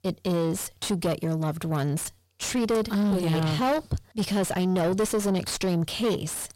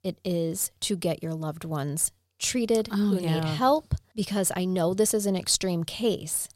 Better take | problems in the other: second | distortion; heavy; 6 dB below the speech

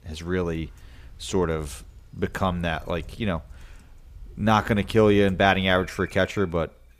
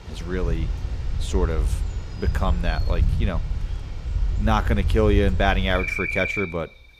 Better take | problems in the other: first | animal sounds; loud; throughout; as loud as the speech; faint in the first

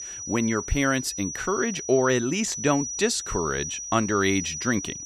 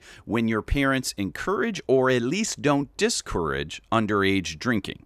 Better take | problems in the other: second | high-pitched whine; loud; throughout; 6 kHz, 7 dB below the speech

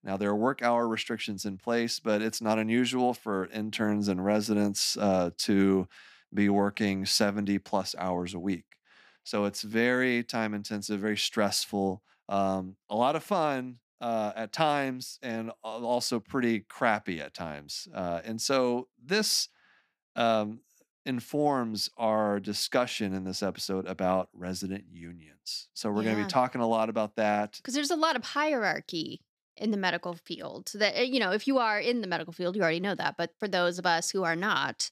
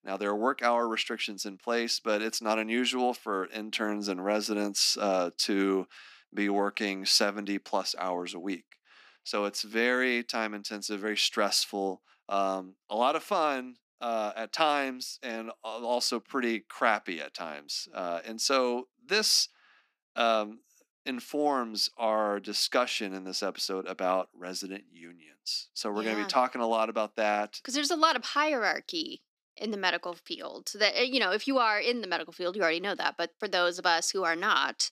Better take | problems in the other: first | thin; very slightly; fading below 250 Hz

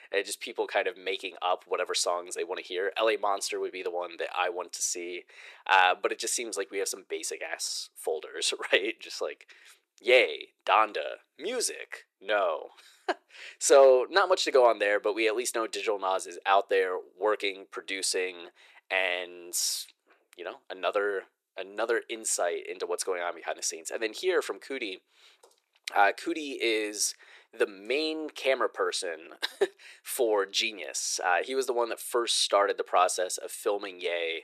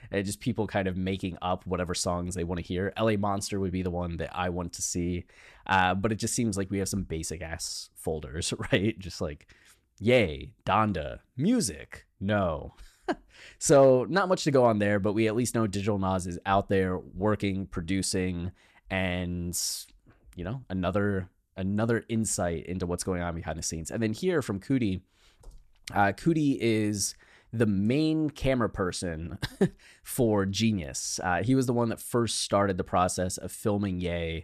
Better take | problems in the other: second | thin; very; fading below 400 Hz

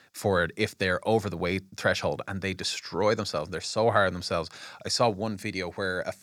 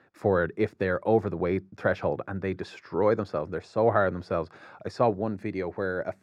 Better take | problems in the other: first | muffled; very; fading above 3 kHz

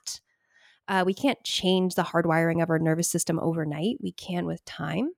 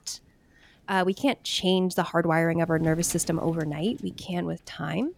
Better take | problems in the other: first | wind noise on the microphone; occasional gusts; 20 dB below the speech

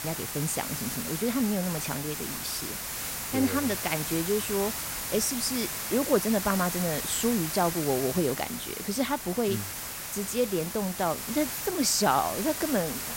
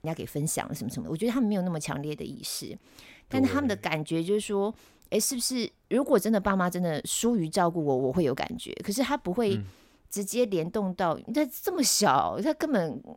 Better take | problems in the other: second | hiss; loud; throughout; 4 dB below the speech

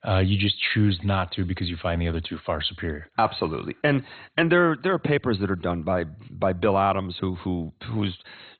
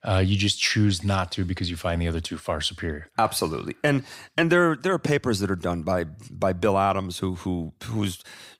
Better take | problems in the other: second | garbled, watery; badly; nothing above 4 kHz

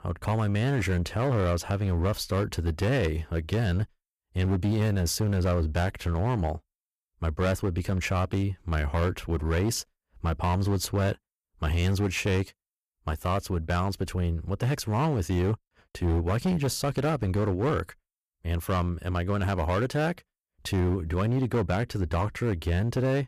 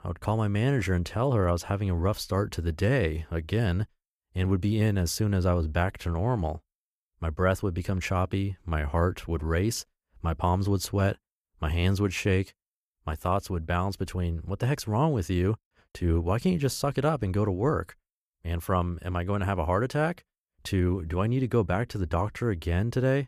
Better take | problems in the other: second | distortion; slight; 13% of the sound clipped

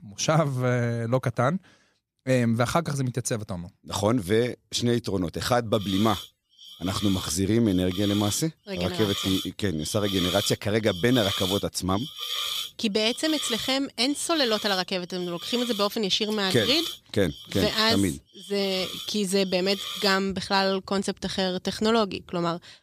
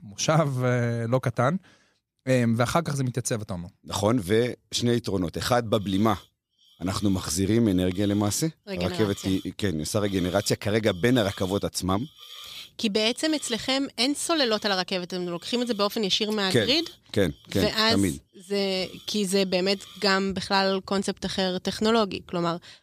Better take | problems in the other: second | hiss; loud; from 6 to 21 s; 7 dB below the speech; faint in the second

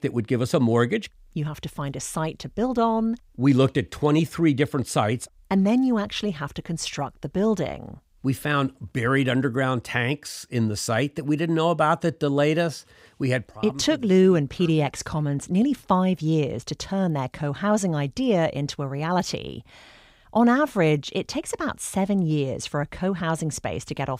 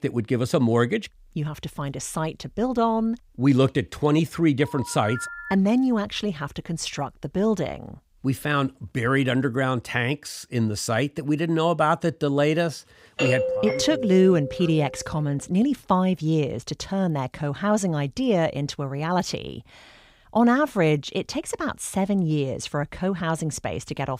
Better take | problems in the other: first | phone ringing; noticeable; at 4.5 s; peak 9 dB below the speech // doorbell; loud; from 13 to 15 s; peak 1 dB above the speech

